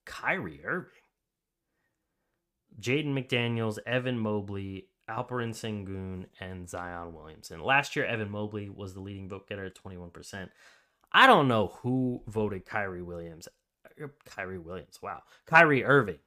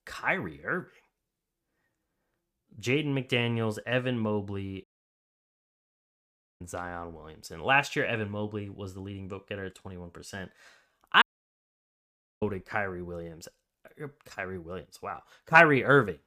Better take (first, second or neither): first